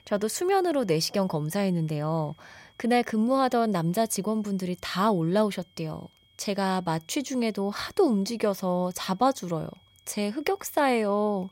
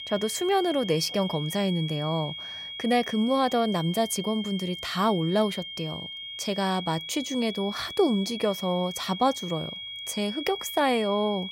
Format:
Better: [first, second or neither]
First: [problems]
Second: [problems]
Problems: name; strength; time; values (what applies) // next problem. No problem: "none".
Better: first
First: high-pitched whine; faint; throughout; 3.5 kHz, 35 dB below the speech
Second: high-pitched whine; loud; throughout; 3.5 kHz, 8 dB below the speech